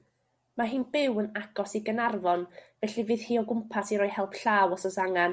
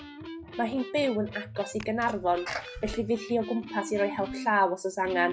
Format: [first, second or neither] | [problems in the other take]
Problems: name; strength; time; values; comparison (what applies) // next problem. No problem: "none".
first | noise reduction (classical method log-MMSE)